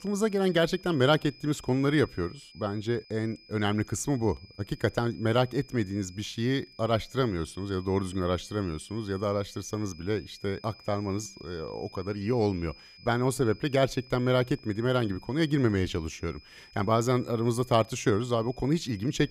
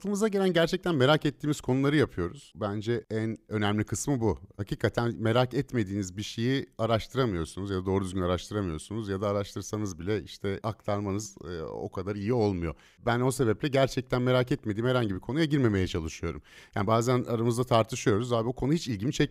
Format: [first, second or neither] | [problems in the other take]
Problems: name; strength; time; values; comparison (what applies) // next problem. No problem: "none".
second | high-pitched whine; faint; throughout; 5 kHz, 20 dB below the speech